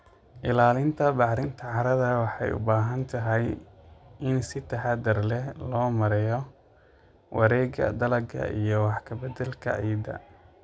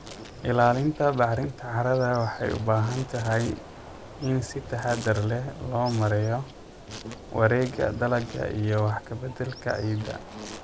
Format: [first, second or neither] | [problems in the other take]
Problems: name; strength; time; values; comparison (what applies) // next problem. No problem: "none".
first | background sound (Insect); 15 dB below the speech